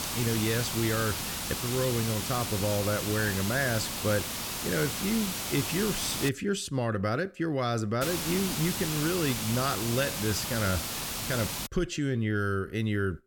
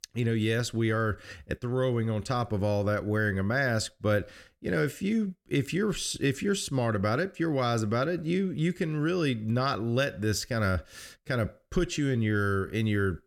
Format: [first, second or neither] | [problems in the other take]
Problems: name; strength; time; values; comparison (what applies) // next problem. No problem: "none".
second | hiss; loud; until 6.5 s and from 8 to 12 s; 2 dB below the speech